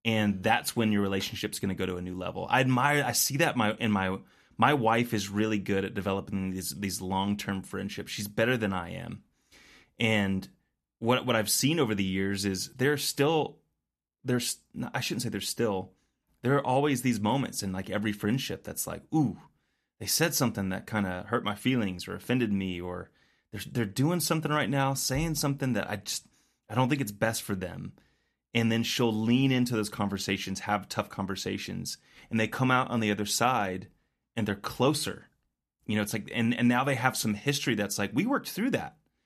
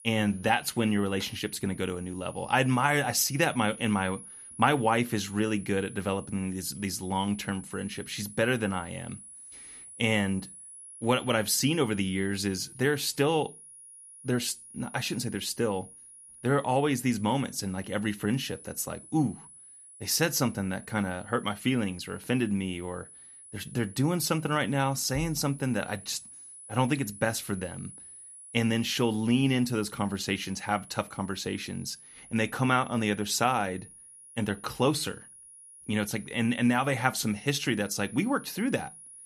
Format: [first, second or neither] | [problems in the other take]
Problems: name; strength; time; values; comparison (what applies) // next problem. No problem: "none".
first | high-pitched whine; noticeable; throughout; 10.5 kHz, 15 dB below the speech